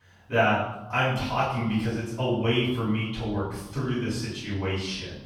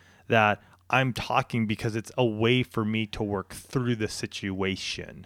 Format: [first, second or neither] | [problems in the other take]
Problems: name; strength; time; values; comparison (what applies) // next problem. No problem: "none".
second | room echo; noticeable; dies away in 0.8 s // off-mic speech; far